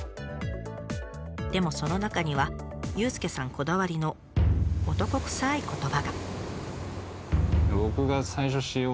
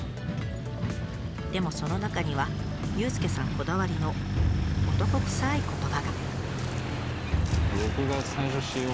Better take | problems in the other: first | background sound (Truck); 1 dB below the speech

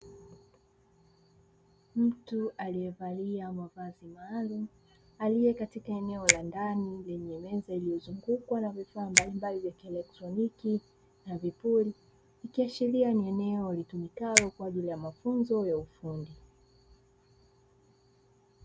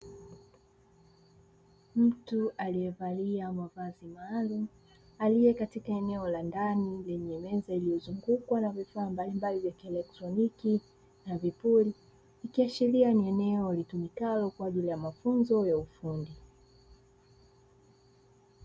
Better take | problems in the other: second | background sound (Finger snapping); as loud as the speech

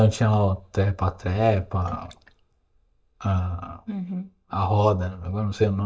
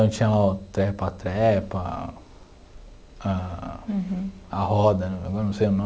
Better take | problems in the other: second | noise reduction (neural mask model DeepFilterNet 3)

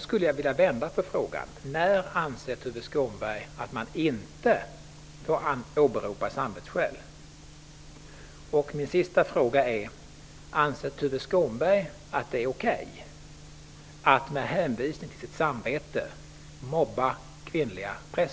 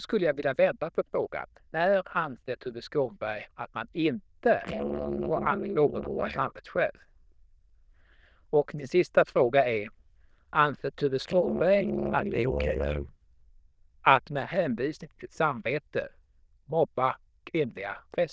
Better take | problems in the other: first | noise reduction (neural diffusion model UNIVERSE++)

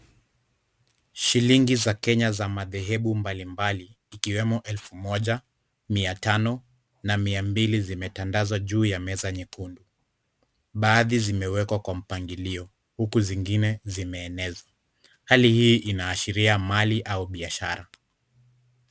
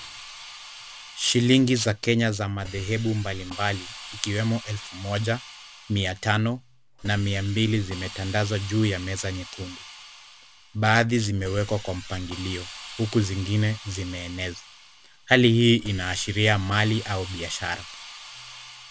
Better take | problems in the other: first | background sound (Hiss); 16 dB below the speech

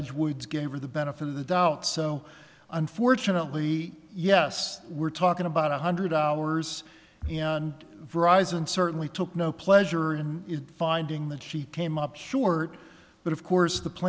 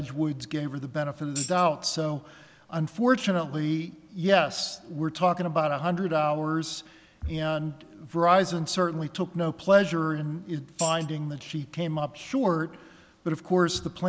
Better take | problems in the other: first | background sound (Tambourine); 12 dB below the speech

